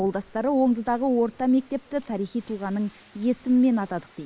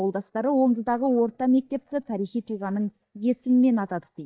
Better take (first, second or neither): first